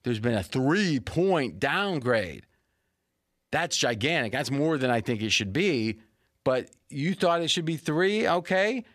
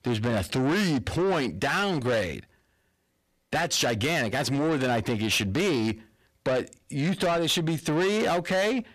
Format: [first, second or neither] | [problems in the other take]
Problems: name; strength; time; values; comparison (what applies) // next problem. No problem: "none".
first | distortion; heavy; 8 dB below the speech